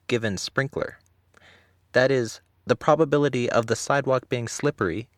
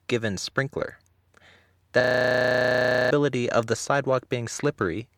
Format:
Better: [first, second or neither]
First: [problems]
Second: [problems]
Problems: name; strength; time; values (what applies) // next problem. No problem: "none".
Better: first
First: none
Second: audio freezing; at 2 s for 1 s